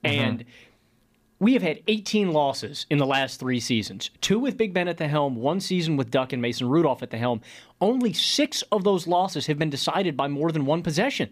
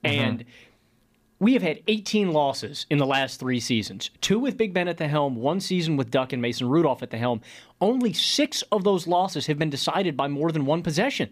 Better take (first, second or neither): neither